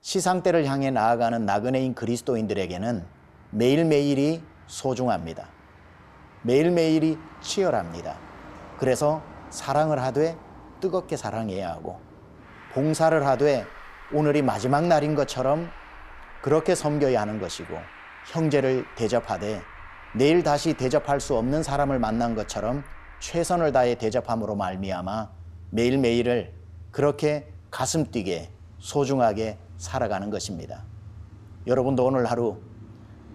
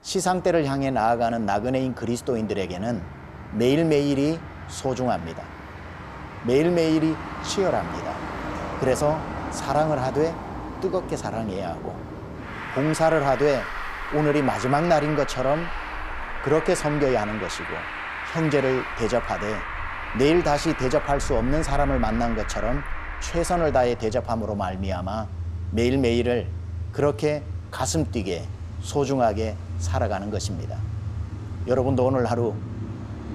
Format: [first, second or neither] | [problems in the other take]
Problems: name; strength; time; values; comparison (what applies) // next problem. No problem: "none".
first | traffic noise; loud; throughout; 9 dB below the speech; faint in the first